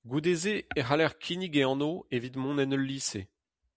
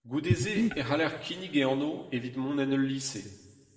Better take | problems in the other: first | background sound (Breathing); 2 dB above the speech // room echo; dies away in 1.5 s

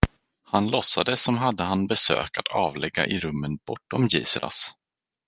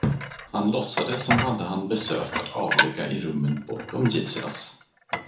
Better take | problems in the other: first | background sound (Dishes, pots, and pans); 4 dB below the speech // room echo; dies away in 0.7 s

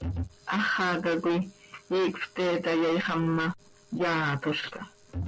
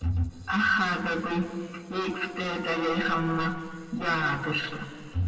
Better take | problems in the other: first | background sound (Wind instrument, woodwind instrument); 16 dB below the speech // room echo; dies away in 1.8 s

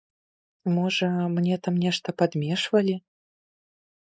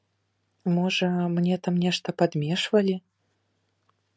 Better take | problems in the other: second | noise reduction (neural mask model Resemble Enhance denoiser)

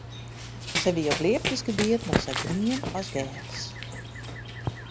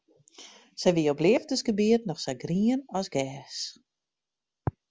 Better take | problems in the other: second | background sound (Run); 3 dB below the speech

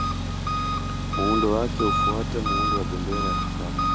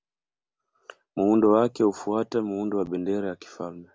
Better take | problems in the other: second | background sound (Engine); 5 dB above the speech

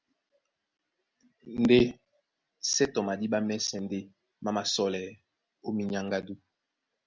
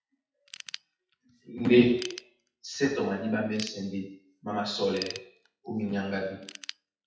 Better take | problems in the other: first | noise reduction (classical method WPE with log-MMSE)

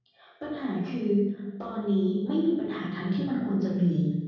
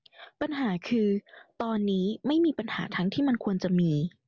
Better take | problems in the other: second | room echo; dies away in 1.3 s

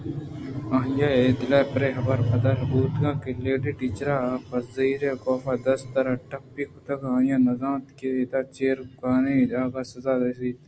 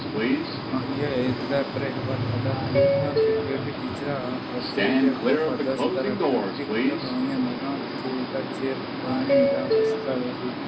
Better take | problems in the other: first | background sound (Subway, metro, underground); 4 dB above the speech

